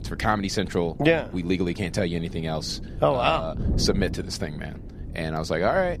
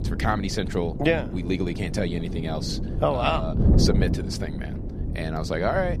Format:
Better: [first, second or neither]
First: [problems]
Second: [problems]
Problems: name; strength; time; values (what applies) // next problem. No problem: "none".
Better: first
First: wind noise on the microphone; occasional gusts; 20 dB below the speech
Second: wind noise on the microphone; heavy; 9 dB below the speech